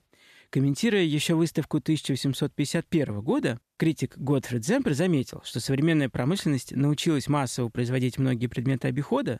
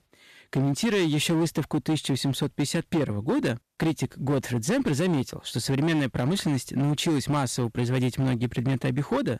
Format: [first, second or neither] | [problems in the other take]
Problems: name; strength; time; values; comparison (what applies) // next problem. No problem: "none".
first | distortion; slight; 14% of the sound clipped